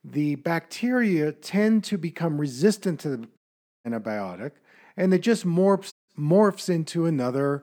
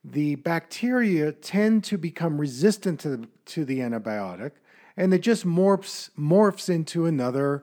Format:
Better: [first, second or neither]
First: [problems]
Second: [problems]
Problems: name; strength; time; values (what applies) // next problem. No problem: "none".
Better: second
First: audio cutting out; at 3.5 s and at 6 s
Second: none